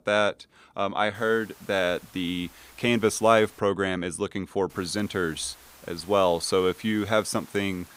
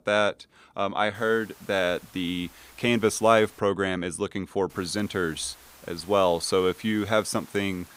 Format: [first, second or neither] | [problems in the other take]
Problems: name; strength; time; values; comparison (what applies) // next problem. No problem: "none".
neither | hiss; faint; from 1 to 3.5 s and from 4.5 s on; 25 dB below the speech; the same in both